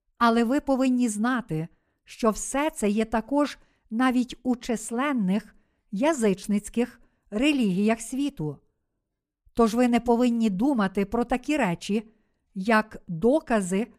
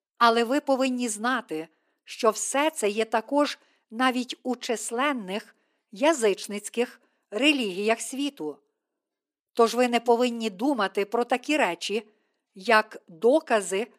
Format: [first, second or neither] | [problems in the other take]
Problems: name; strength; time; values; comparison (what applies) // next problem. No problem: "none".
first | thin; somewhat; fading below 300 Hz